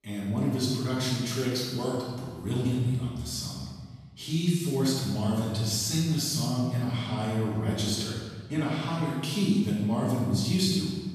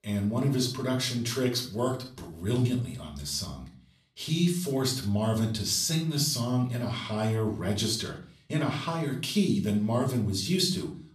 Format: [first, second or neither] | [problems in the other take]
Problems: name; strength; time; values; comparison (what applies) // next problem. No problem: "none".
second | room echo; strong; dies away in 1.4 s; slight in the second // off-mic speech; far; somewhat distant in the second